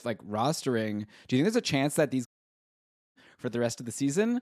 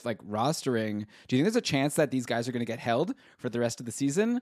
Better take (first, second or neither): second